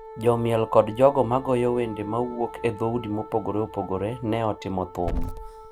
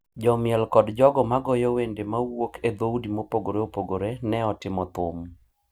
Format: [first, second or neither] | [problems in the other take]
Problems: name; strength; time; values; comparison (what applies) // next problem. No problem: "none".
second | background sound (Growling / Hiss + Wind instrument, woodwind instrument); 12 dB below the speech